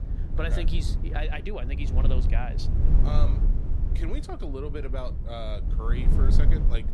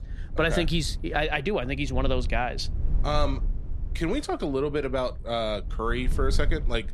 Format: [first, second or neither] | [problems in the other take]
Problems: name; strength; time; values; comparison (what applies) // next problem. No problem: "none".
second | low rumble; loud; throughout; 5 dB below the speech; faint in the second